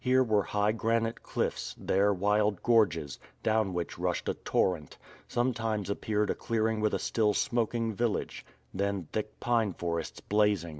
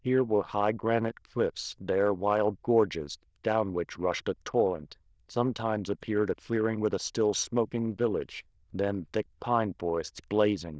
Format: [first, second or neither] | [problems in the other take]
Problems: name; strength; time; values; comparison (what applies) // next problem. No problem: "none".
first | noise reduction (neural diffusion model UNIVERSE++)